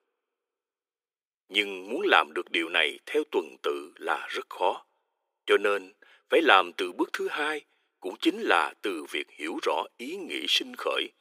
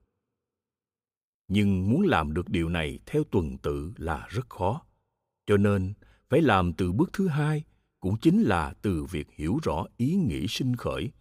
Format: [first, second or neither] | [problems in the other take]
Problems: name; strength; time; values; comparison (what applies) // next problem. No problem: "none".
second | thin; very; fading below 350 Hz